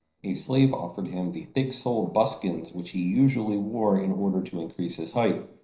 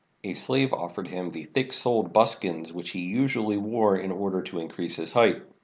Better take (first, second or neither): second